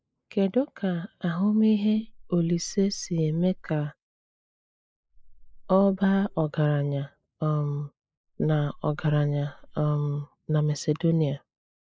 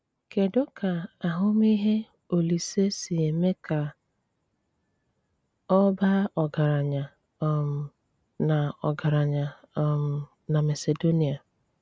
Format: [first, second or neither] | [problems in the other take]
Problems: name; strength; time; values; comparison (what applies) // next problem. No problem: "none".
second | noise reduction (neural mask model Resemble Enhance denoiser)